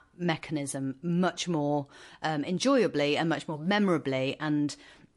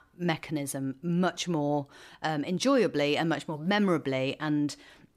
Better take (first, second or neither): second